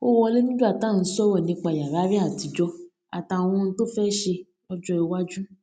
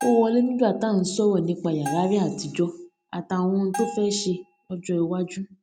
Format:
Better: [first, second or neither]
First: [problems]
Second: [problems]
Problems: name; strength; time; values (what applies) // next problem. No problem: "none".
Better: first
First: none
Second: background sound (Bell); 15 dB below the speech